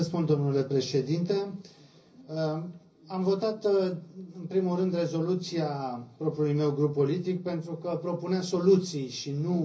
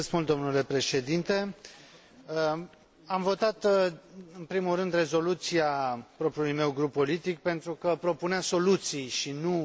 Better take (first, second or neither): second